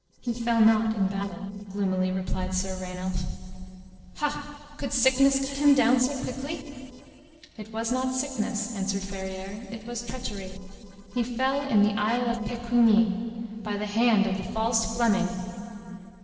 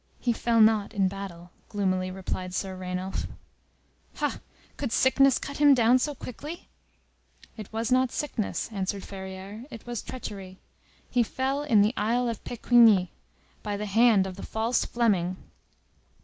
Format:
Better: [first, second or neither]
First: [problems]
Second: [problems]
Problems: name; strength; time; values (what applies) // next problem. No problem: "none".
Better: second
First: noise reduction (neural separator model SepFormer DNS4)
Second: none